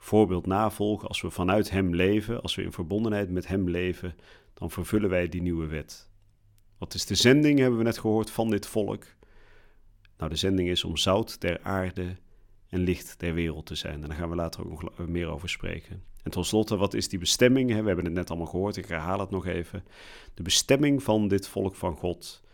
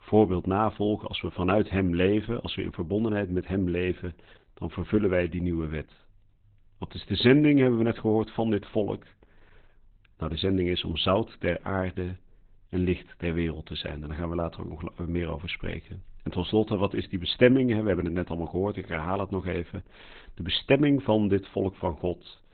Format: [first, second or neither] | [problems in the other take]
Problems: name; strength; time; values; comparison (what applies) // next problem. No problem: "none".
first | garbled, watery; badly; nothing above 4 kHz